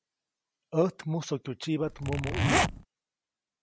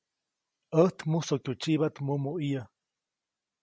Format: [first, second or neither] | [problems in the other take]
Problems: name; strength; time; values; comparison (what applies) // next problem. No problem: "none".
second | background sound (Zipper (clothing)); 5 dB above the speech